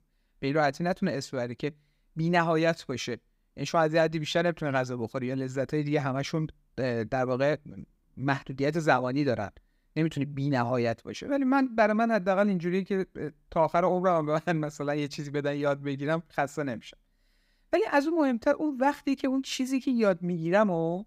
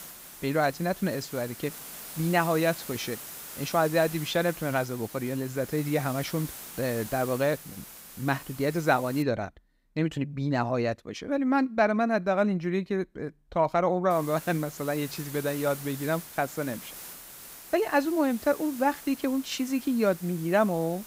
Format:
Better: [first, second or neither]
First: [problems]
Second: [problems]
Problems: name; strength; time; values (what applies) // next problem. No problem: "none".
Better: first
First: none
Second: hiss; noticeable; until 9 s and from 14 s on; 15 dB below the speech